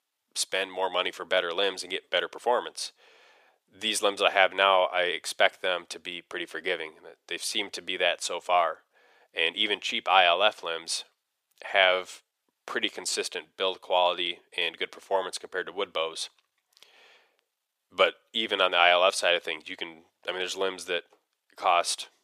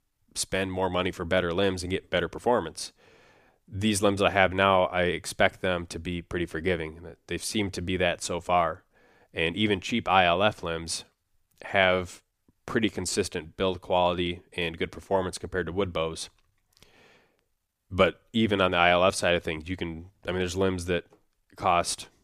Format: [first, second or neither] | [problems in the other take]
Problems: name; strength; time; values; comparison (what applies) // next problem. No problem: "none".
second | thin; very; fading below 600 Hz